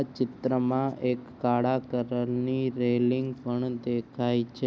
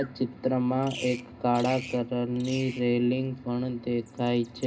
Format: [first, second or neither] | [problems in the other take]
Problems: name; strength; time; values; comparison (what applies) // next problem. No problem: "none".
first | background sound (Bird vocalization, bird call, bird song); 18 dB below the speech // room echo; dies away in 0.2 s